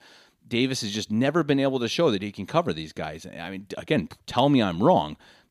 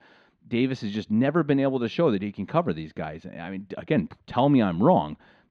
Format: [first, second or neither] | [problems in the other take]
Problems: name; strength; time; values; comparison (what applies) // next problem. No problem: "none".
first | muffled; slightly; fading above 2.5 kHz